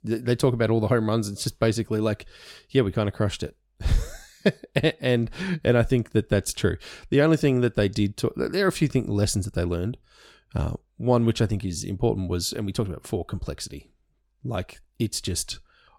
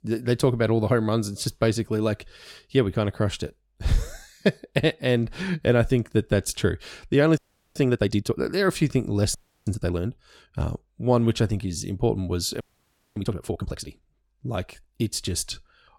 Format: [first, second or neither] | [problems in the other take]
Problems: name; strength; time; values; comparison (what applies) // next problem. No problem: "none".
first | audio freezing; at 7.5 s, at 9.5 s and at 13 s for 0.5 s